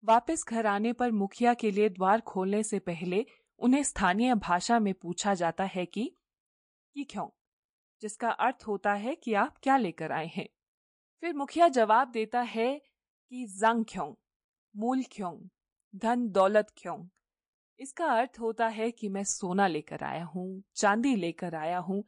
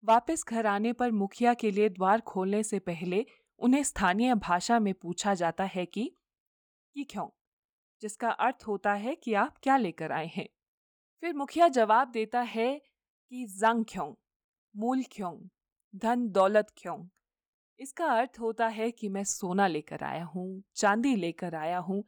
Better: second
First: garbled, watery; slightly; nothing above 10 kHz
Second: none

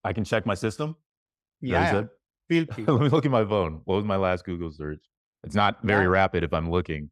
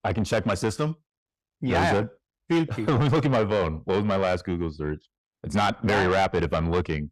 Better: first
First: none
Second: distortion; heavy; 7 dB below the speech

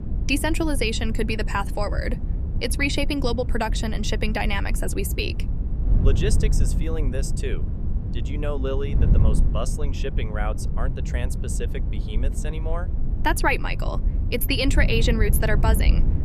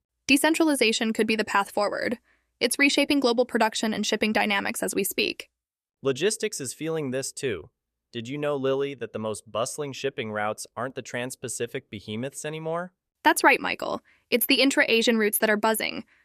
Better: second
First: wind noise on the microphone; occasional gusts; 10 dB below the speech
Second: none

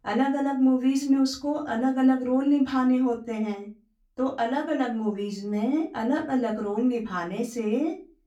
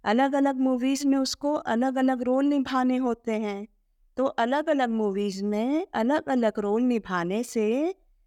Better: second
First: off-mic speech; far // room echo; very slight; dies away in 0.3 s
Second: none

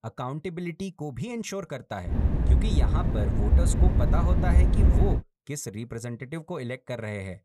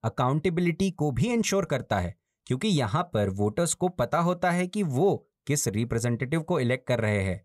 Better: second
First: wind noise on the microphone; heavy; from 2 to 5 s; 1 dB below the speech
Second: none

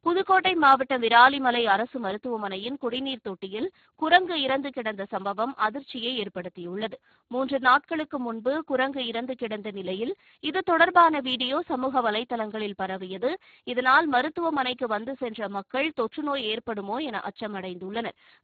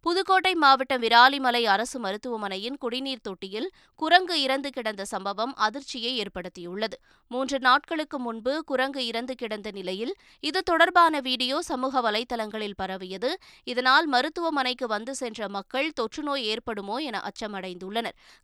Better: second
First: garbled, watery; badly; nothing above 3.5 kHz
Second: none

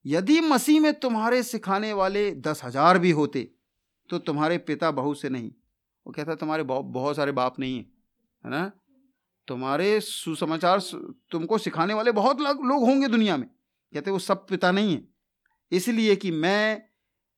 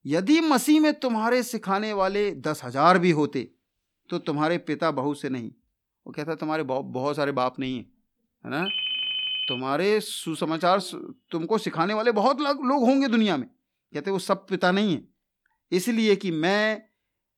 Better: first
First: none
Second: phone ringing; noticeable; at 8.5 s; peak level with the speech

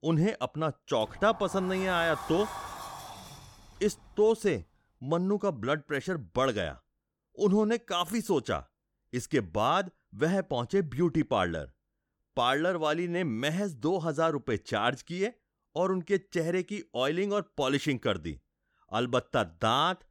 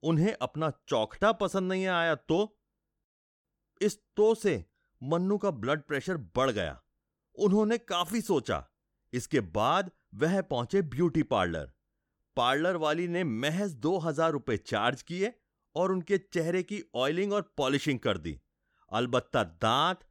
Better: second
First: door banging; noticeable; from 1 to 4.5 s; peak 9 dB below the speech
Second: none

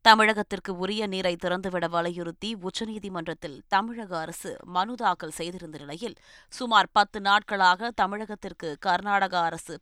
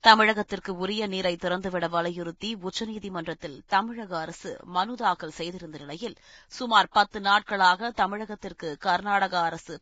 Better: first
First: none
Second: garbled, watery; badly; nothing above 7.5 kHz

